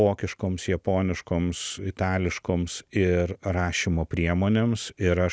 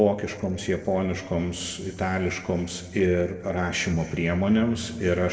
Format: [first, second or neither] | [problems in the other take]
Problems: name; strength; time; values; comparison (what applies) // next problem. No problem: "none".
first | noise reduction (neural separator model SepFormer DNS4)